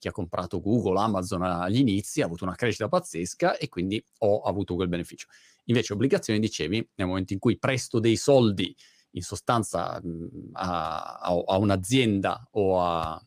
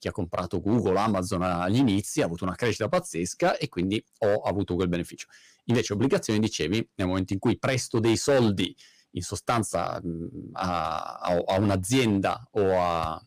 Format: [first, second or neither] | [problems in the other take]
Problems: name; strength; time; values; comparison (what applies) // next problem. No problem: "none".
first | distortion; slight; 5% of the sound clipped